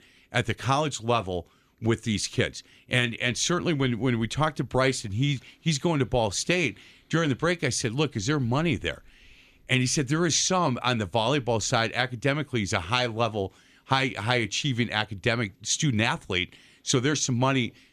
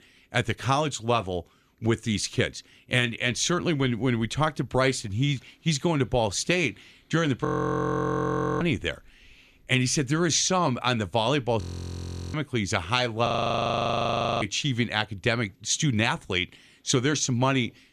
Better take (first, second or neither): first